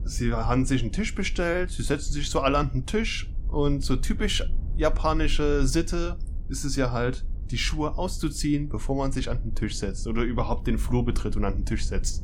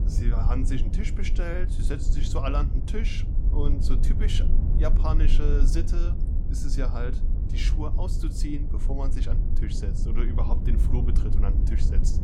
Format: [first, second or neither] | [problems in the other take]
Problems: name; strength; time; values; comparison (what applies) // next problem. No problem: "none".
first | low rumble; loud; throughout; 6 dB below the speech; faint in the first